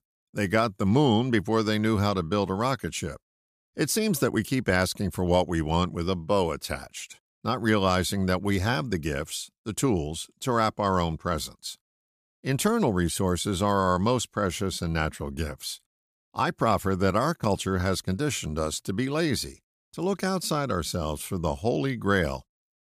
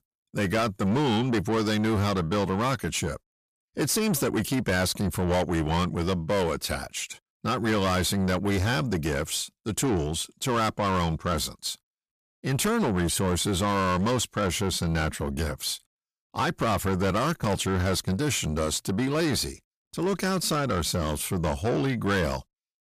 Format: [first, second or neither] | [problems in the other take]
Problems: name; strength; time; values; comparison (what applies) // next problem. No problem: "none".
first | distortion; heavy; 7 dB below the speech